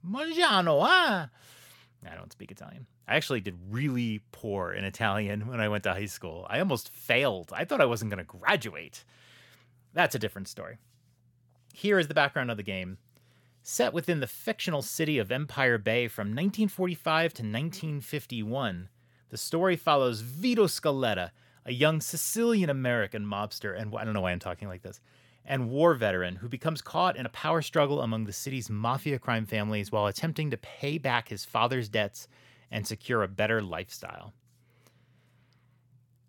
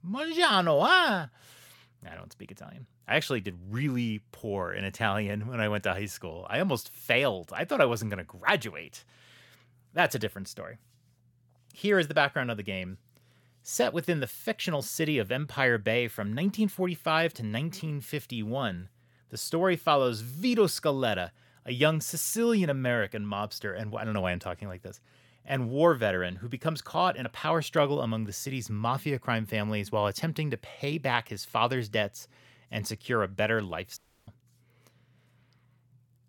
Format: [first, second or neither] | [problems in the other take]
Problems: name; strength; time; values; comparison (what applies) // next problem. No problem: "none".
first | audio cutting out; at 34 s